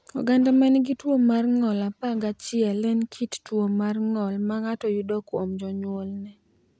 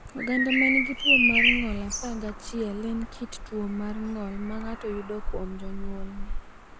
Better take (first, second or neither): first